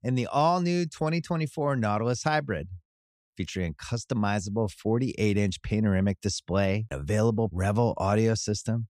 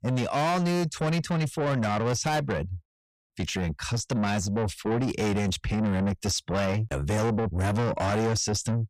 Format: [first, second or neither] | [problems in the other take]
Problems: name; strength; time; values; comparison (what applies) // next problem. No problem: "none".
first | distortion; heavy; 6 dB below the speech